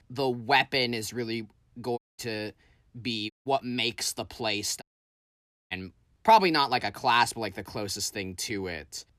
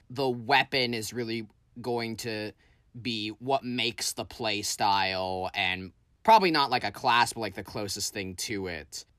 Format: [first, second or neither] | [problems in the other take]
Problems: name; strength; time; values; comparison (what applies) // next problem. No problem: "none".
second | audio cutting out; at 2 s, at 3.5 s and at 5 s for 1 s